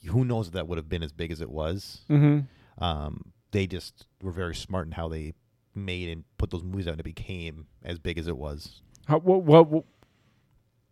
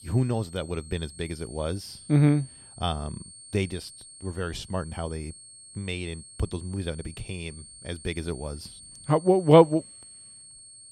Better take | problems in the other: first | high-pitched whine; noticeable; throughout; 8.5 kHz, 20 dB below the speech

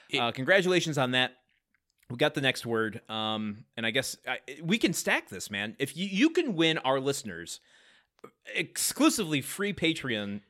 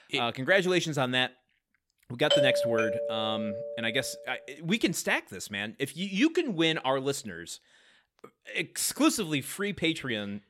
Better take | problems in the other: first | doorbell; loud; from 2.5 to 4 s; peak 4 dB above the speech

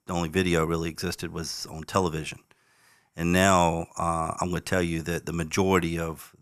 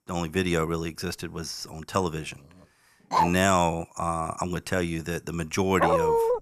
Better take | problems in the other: first | dog barking; loud; at 3 s and at 6 s; peak 5 dB above the speech

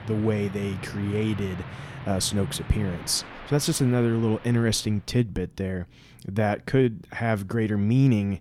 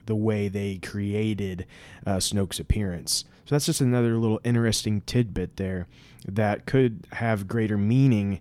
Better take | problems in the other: second | train or aircraft noise; noticeable; until 5 s; 15 dB below the speech

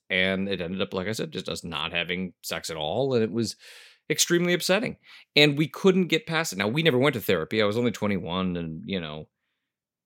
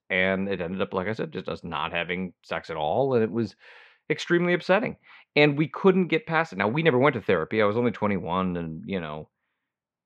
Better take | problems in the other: first | muffled; very; fading above 2 kHz

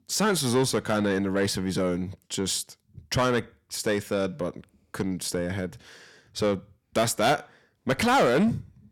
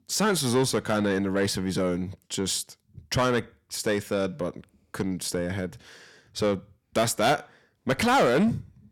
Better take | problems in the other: neither | distortion; heavy; 8 dB below the speech; the same in both

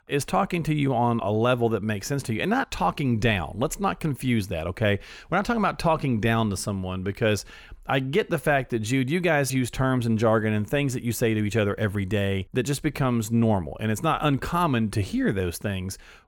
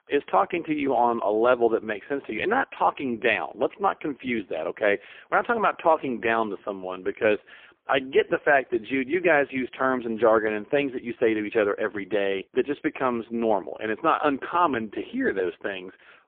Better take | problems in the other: first | phone-call audio; poor line

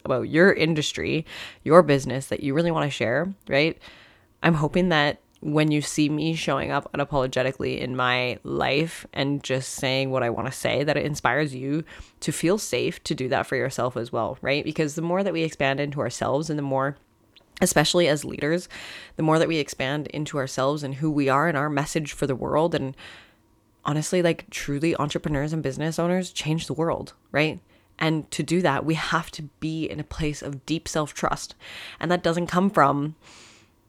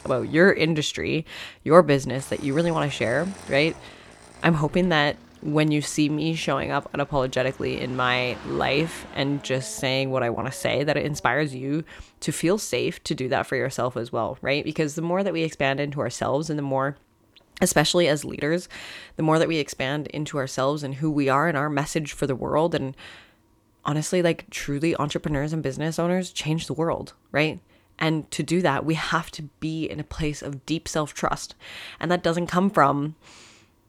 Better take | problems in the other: first | traffic noise; faint; until 12 s; 20 dB below the speech

